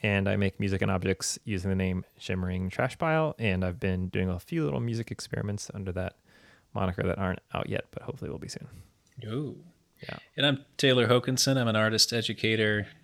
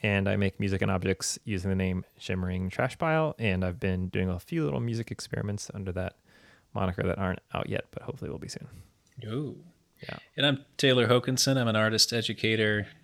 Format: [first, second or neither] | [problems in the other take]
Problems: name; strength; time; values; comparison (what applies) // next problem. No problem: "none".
neither | none